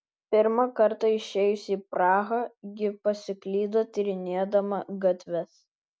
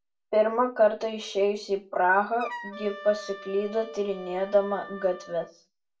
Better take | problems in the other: first | background sound (Wind instrument, woodwind instrument); 15 dB below the speech // room echo; dies away in 0.2 s

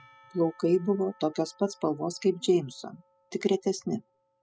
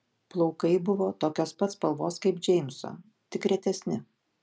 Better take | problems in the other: second | noise reduction (classical method spectral subtraction)

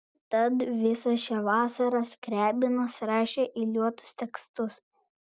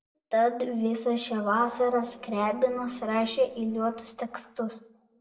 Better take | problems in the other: first | noise reduction (neural separator model SepFormer DNS4)

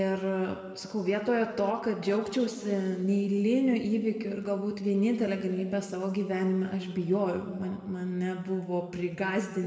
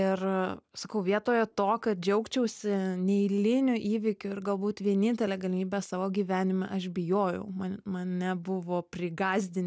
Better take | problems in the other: second | room echo; dies away in 1.8 s

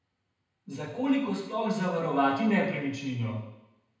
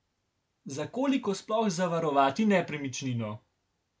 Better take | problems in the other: second | room echo; dies away in 0.9 s

